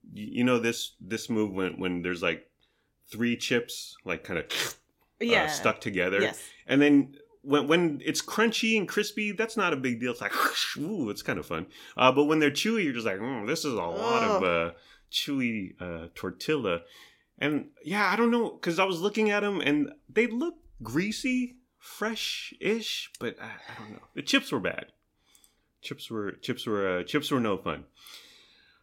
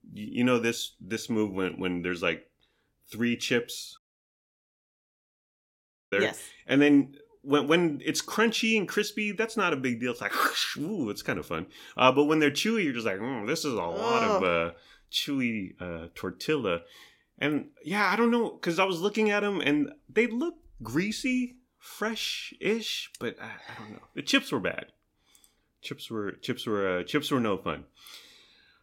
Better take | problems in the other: first | audio cutting out; at 4 s for 2 s

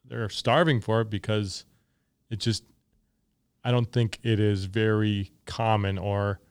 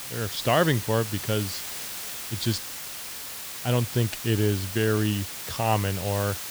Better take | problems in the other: first | hiss; loud; throughout; 7 dB below the speech

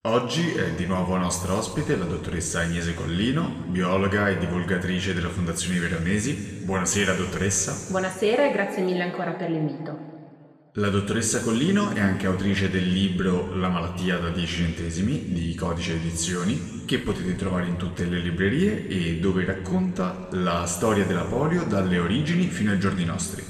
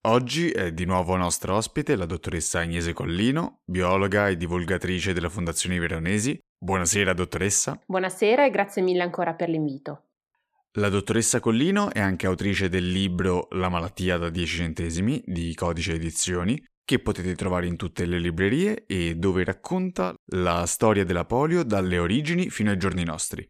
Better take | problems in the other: second | room echo; noticeable; dies away in 1.8 s // off-mic speech; somewhat distant

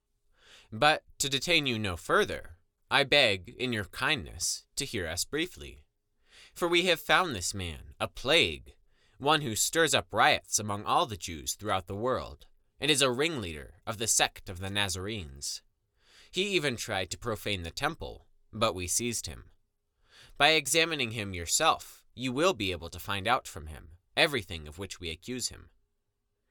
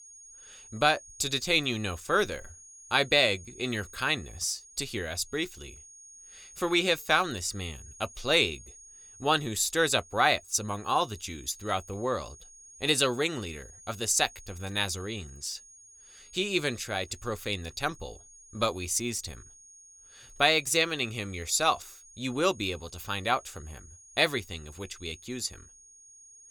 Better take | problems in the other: first | high-pitched whine; faint; throughout; 6.5 kHz, 20 dB below the speech

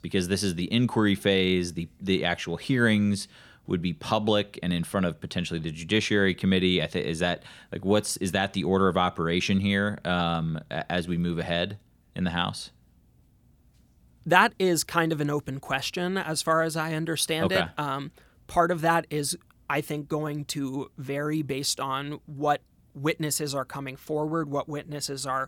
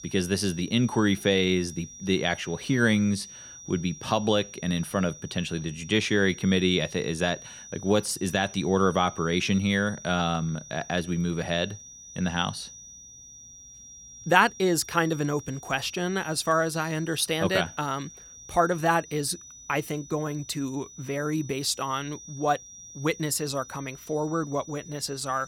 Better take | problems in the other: first | high-pitched whine; noticeable; throughout; 5.5 kHz, 15 dB below the speech

